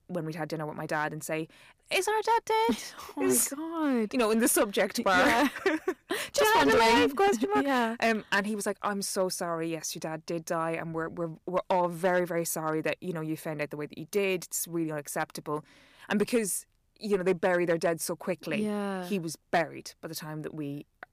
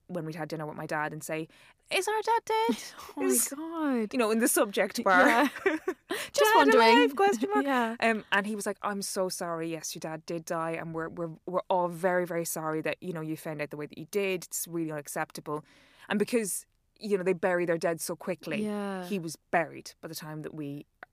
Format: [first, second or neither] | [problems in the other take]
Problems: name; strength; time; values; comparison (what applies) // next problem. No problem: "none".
second | distortion; slight; 4% of the sound clipped